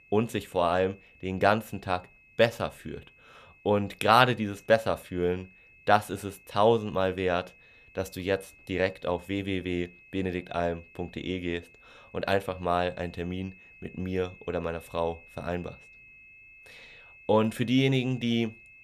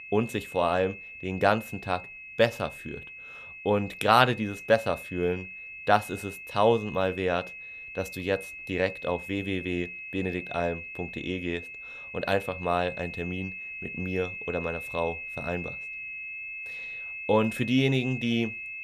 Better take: first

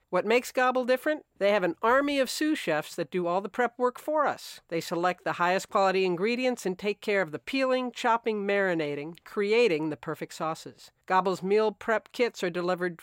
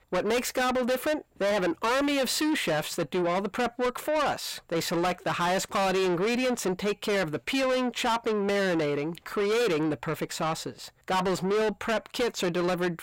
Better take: first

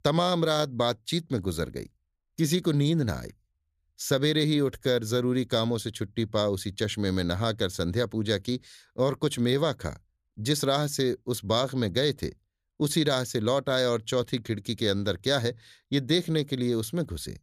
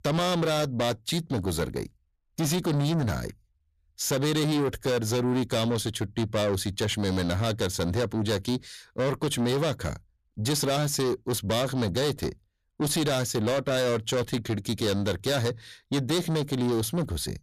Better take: first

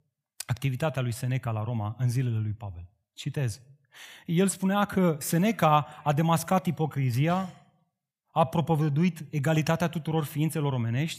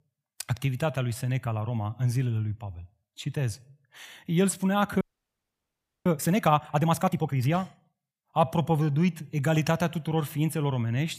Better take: first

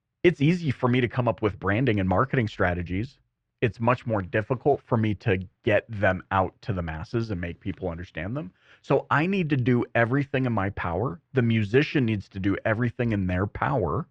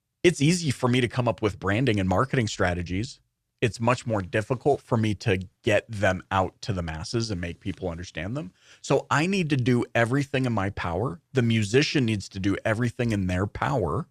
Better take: second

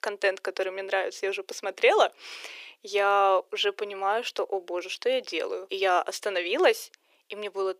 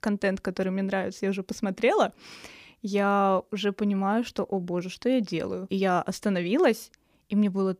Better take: second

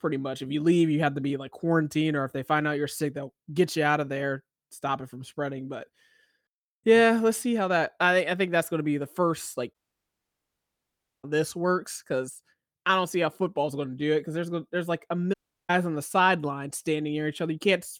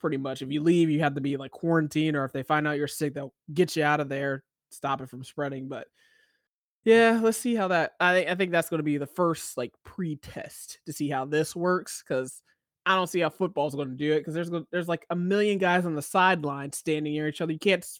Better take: second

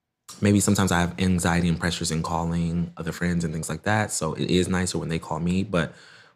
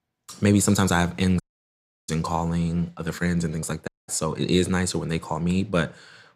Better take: first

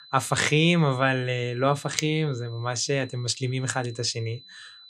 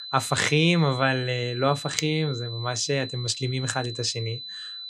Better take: first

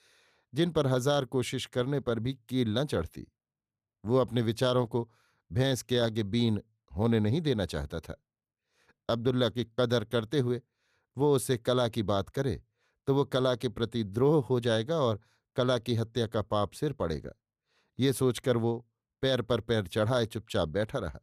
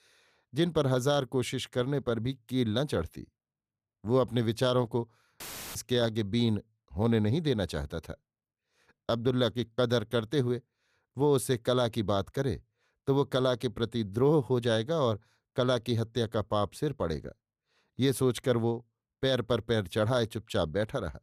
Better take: first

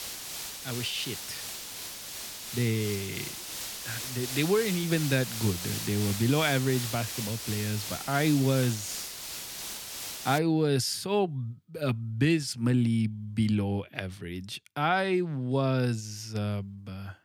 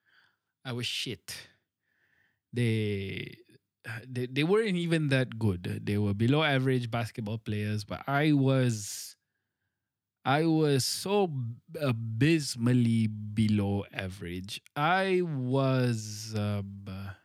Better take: second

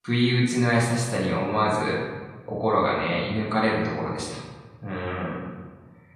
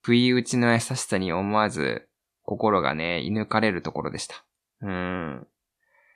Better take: second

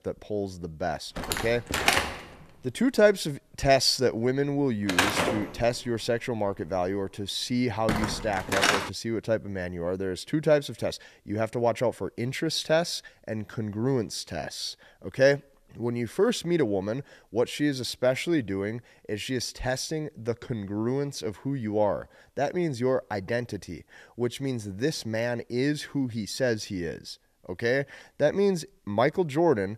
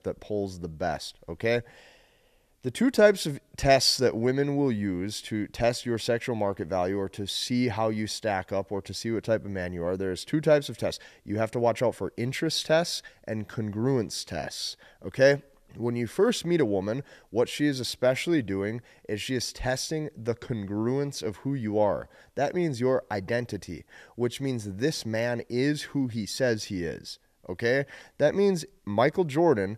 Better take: second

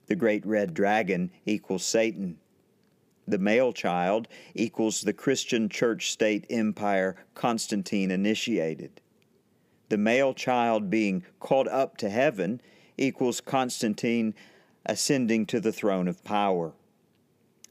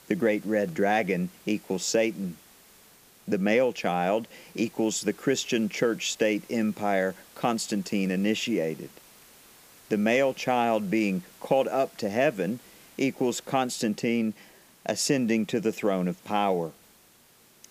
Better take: first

